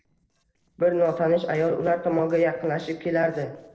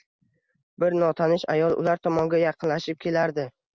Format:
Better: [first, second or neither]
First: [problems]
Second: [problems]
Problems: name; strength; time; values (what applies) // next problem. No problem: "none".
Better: second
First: noise reduction (neural separator model SepFormer DNS4)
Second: none